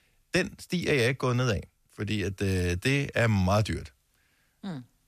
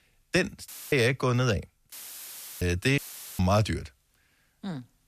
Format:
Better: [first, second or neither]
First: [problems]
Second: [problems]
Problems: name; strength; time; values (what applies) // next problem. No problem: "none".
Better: first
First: none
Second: audio cutting out; filled with static; at 0.5 s, at 2 s for 0.5 s and at 3 s